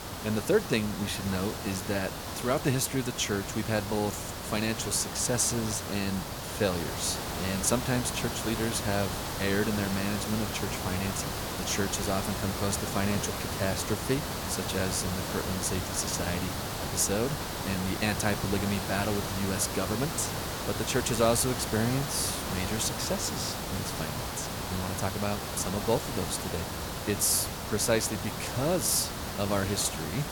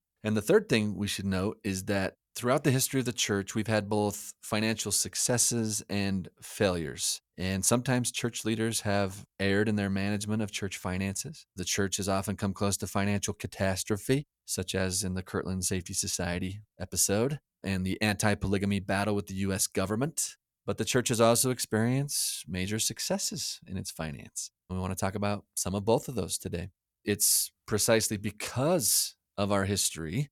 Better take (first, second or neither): second